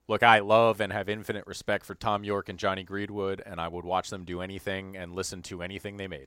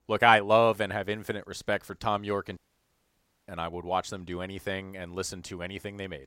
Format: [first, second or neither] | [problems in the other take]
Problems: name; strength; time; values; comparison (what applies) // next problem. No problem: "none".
first | audio cutting out; at 2.5 s for 1 s